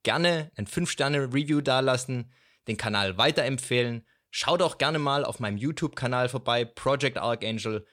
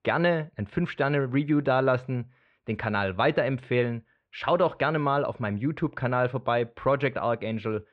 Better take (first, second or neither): first